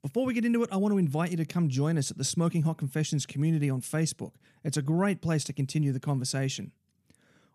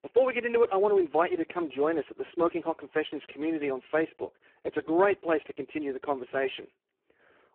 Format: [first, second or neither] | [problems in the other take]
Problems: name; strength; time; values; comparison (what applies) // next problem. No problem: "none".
first | phone-call audio; poor line